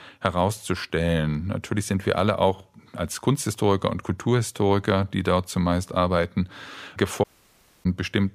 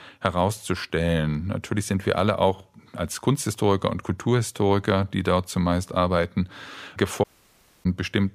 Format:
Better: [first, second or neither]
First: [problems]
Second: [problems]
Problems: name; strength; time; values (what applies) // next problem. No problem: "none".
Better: neither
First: audio cutting out; at 7 s for 0.5 s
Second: audio cutting out; at 7 s for 0.5 s